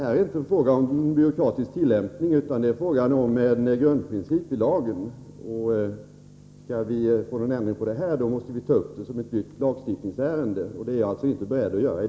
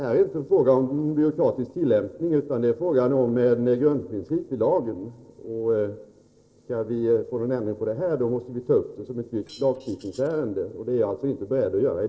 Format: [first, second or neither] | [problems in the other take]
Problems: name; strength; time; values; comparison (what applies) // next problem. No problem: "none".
first | noise reduction (neural separator model SepFormer DNS4)